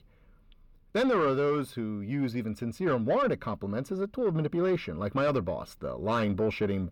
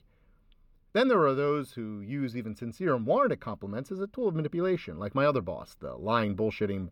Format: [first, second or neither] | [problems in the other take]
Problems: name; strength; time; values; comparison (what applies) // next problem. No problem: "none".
second | distortion; slight; 10 dB below the speech